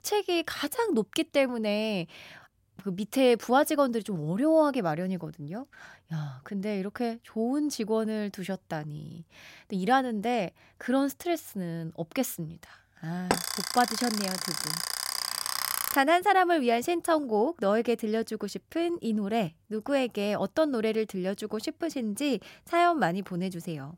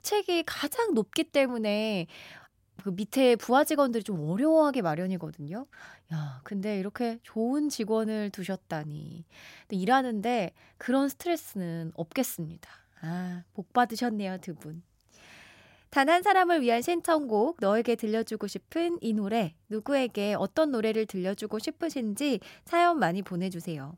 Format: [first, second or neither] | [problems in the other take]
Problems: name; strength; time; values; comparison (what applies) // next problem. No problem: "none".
second | alarm; loud; from 13 to 16 s; peak 1 dB above the speech